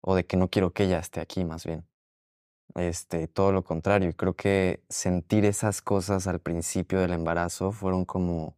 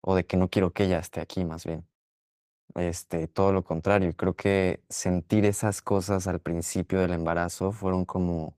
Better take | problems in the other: first | garbled, watery; slightly

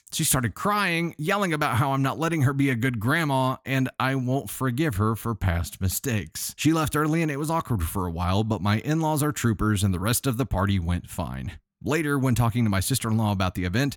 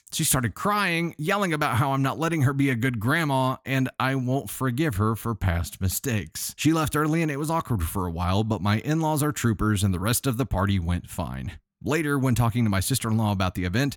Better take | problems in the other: neither | none

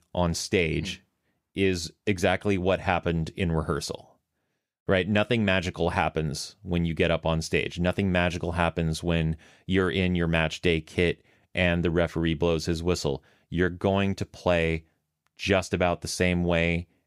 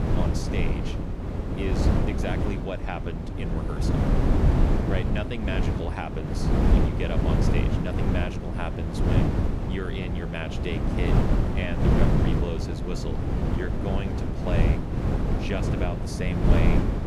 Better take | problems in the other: first | wind noise on the microphone; heavy; 2 dB above the speech

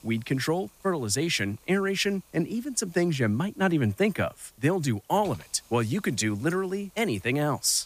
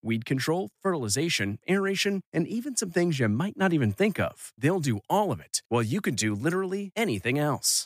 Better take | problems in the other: second | hiss; faint; throughout; 25 dB below the speech

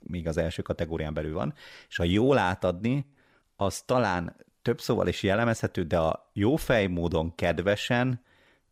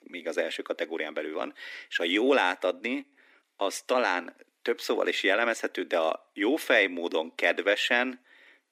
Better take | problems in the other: first | thin; somewhat; fading below 250 Hz

